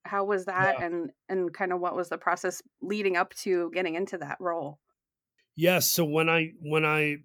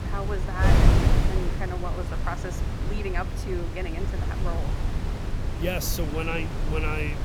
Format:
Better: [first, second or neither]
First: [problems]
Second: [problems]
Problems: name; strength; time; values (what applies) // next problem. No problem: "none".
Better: first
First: none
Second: wind noise on the microphone; heavy; 2 dB below the speech